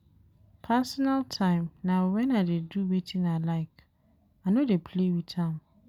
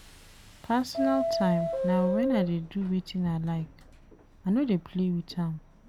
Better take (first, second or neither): first